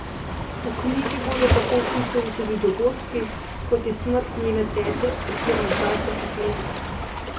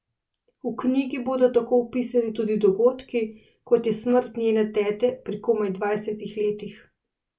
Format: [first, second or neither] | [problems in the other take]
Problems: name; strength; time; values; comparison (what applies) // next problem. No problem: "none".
second | background sound (Waves, surf); 1 dB below the speech